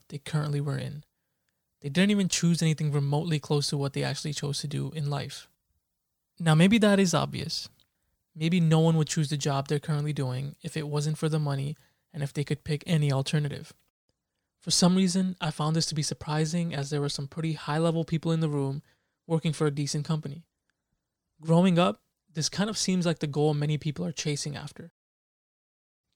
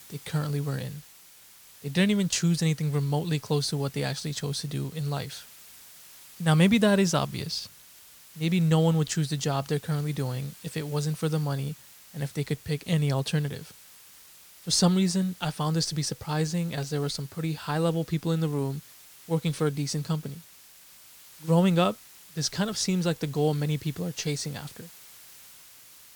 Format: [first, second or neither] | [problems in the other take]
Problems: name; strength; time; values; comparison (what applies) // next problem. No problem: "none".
first | hiss; faint; throughout; 20 dB below the speech